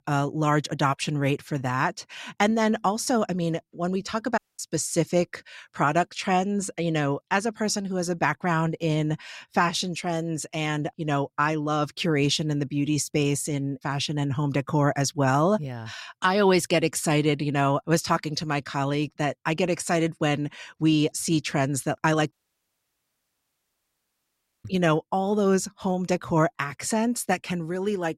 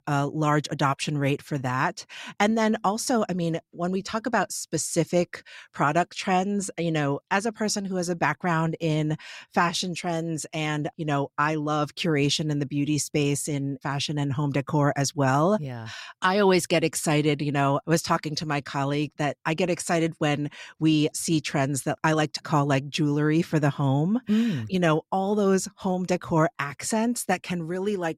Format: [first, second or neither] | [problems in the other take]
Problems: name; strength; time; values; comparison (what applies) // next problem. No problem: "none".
second | audio cutting out; at 4.5 s and at 22 s for 2.5 s